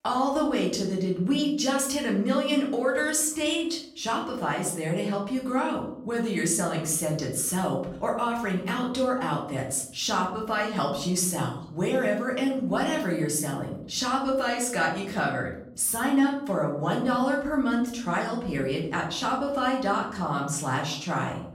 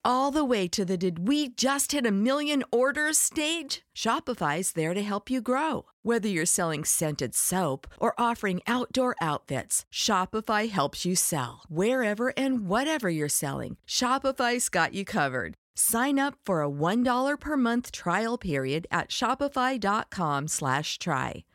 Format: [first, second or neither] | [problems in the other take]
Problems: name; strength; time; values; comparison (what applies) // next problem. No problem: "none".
second | off-mic speech; far // room echo; slight; dies away in 0.6 s